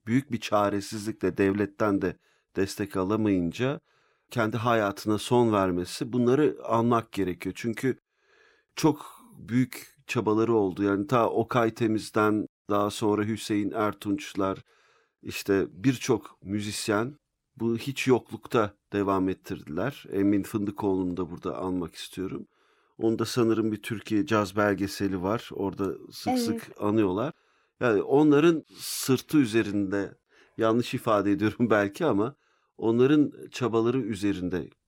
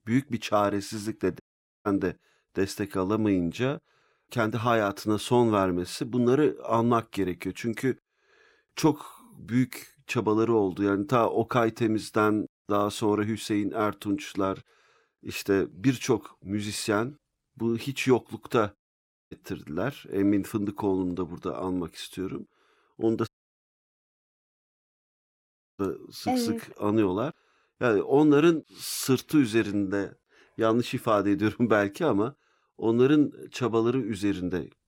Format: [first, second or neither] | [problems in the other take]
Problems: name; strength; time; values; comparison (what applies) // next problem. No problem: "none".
first | audio cutting out; at 1.5 s, at 19 s for 0.5 s and at 23 s for 2.5 s